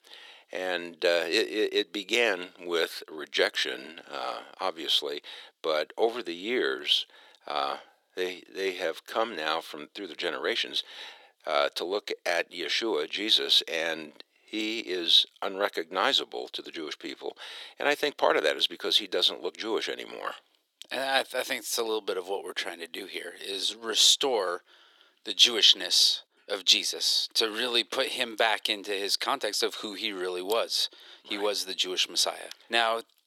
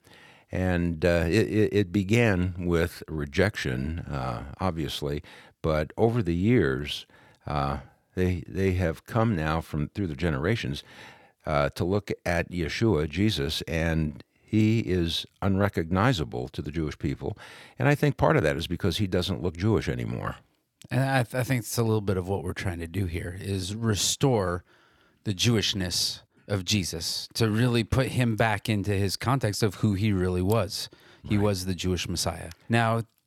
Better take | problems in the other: second | thin; very; fading below 400 Hz

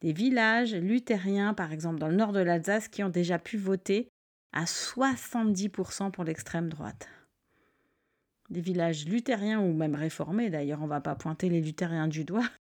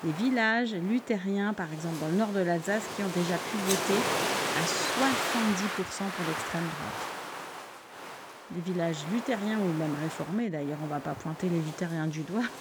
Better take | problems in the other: first | wind noise on the microphone; heavy; as loud as the speech

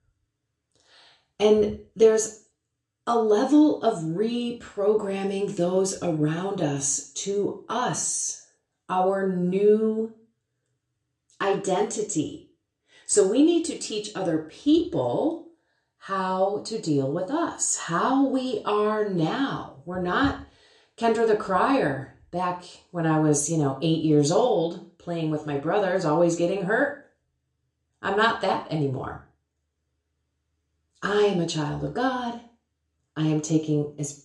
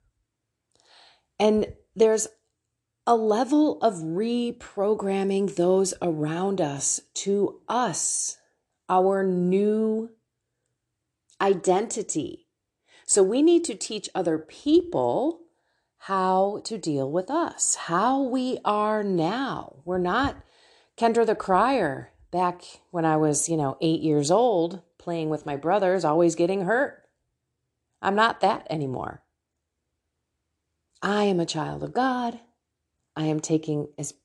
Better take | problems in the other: second | room echo; slight; dies away in 0.4 s // off-mic speech; somewhat distant

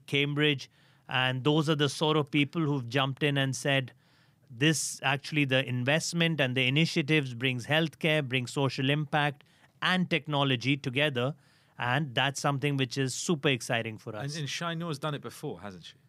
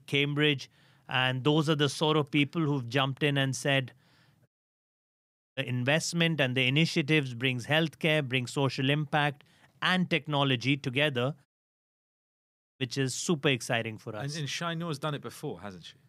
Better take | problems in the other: first | audio cutting out; at 4.5 s for 1 s and at 11 s for 1.5 s

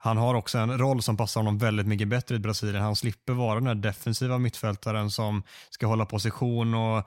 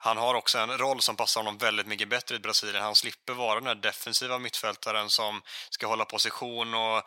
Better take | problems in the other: first | thin; very; fading below 650 Hz

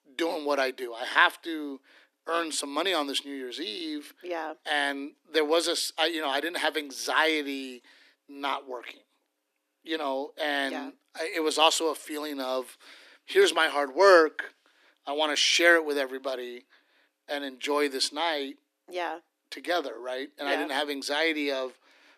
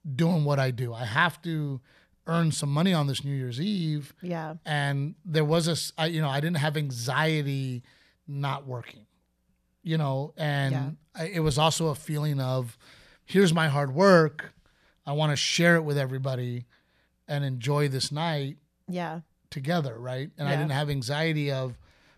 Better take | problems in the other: second | thin; very; fading below 250 Hz

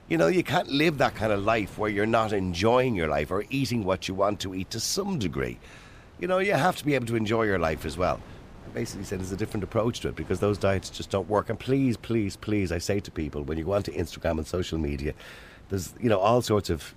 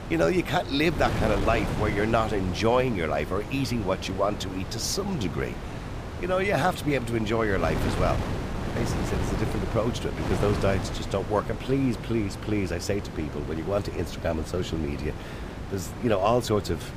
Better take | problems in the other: first | wind noise on the microphone; heavy; 8 dB below the speech; occasional gusts in the first

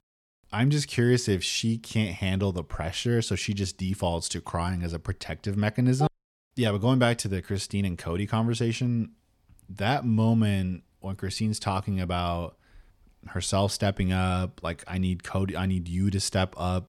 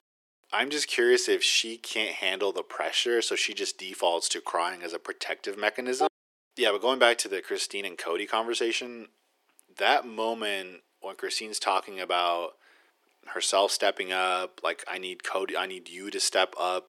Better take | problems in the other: first | thin; very; fading below 350 Hz

